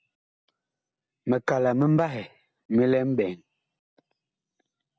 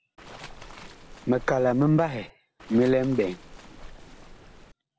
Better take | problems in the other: first | background sound (Waves, surf); 17 dB below the speech

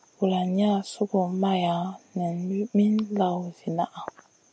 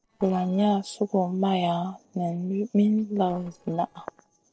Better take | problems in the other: first | noise reduction (neural separator model SepFormer DNS4)

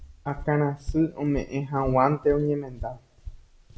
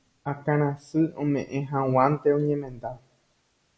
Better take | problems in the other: second | background sound (Walk, footsteps); 13 dB below the speech

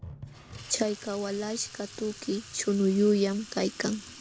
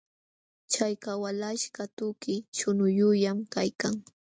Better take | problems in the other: second | background sound (Sink (filling or washing) / Water tap, faucet); 16 dB below the speech

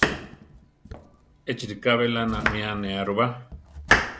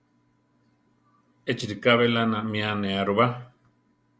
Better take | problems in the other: second | background sound (Domestic sounds, home sounds); 1 dB below the speech

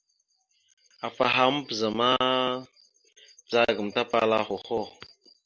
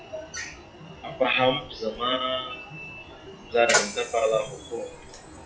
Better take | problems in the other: first | noise reduction (classical method WPE with log-MMSE)

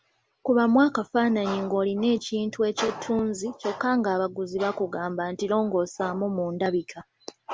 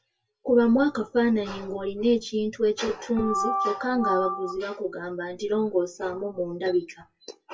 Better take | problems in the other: first | noise reduction (classical method WPE with log-MMSE)

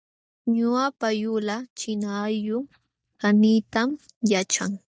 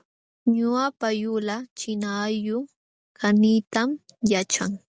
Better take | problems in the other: second | noise reduction (neural mask model DeepFilterNet 3)

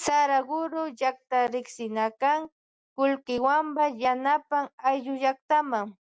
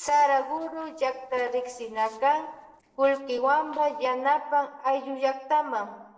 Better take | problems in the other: first | noise reduction (neural separator model SepFormer DNS4)

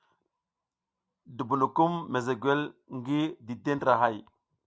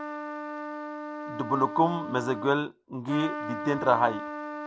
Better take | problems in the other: first | background sound (Trumpet); 7 dB below the speech

